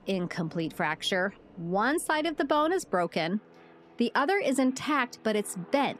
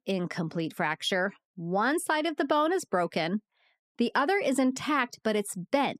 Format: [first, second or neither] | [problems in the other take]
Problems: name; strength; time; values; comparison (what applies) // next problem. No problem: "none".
second | train or aircraft noise; faint; throughout; 25 dB below the speech